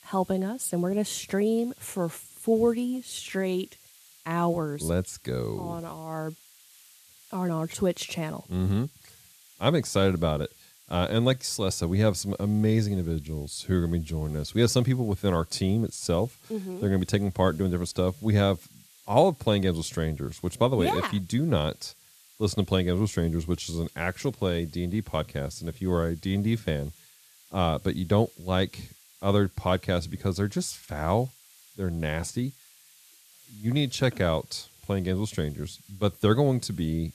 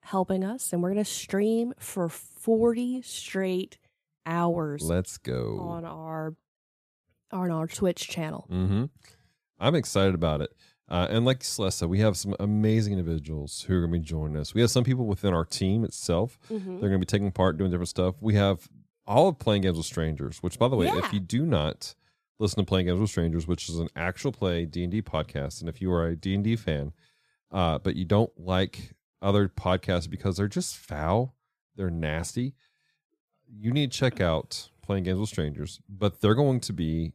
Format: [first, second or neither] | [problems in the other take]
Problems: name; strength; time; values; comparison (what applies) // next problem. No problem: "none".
second | hiss; faint; throughout; 25 dB below the speech